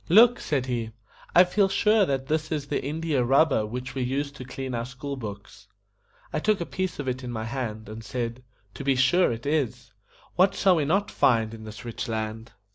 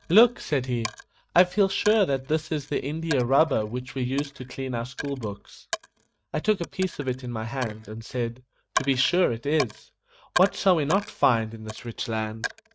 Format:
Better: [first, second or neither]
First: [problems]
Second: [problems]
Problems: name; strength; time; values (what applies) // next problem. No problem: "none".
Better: first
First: none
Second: noise reduction (neural mask model RNNoise)